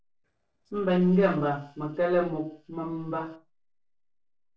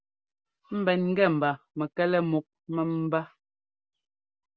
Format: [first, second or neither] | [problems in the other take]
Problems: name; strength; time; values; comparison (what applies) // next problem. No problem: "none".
second | noise reduction (neural separator model SepFormer DNS4)